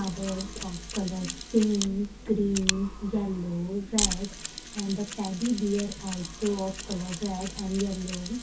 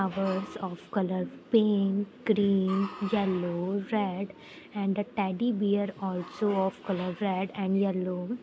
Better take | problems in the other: second | background sound (Mechanisms); 6 dB below the speech // room echo; dies away in 0.3 s

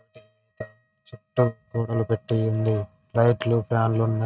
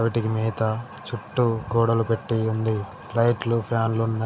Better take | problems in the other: second | noise reduction (neural mask model RNNoise)

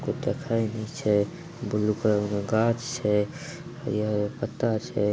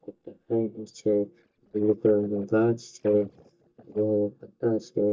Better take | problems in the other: first | noise reduction (neural mask model DeepFilterNet 3)

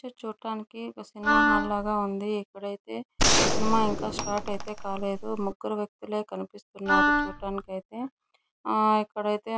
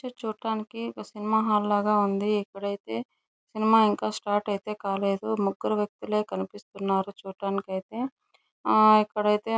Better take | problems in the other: second | background sound (Wind instrument, woodwind instrument + Gunshot, gunfire); 5 dB above the speech

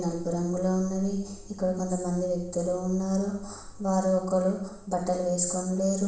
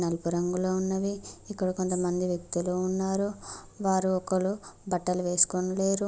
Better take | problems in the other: second | room echo; dies away in 0.6 s

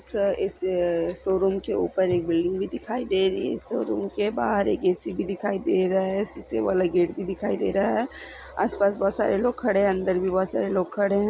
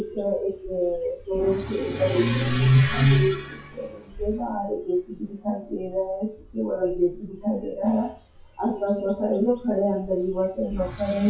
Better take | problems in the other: first | noise reduction (classical method WPE with log-MMSE)

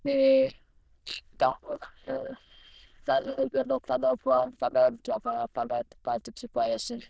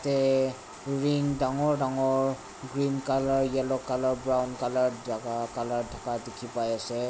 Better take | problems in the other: second | noise reduction (neural diffusion model UNIVERSE++)

